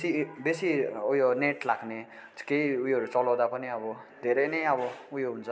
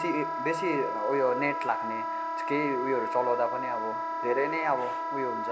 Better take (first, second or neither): first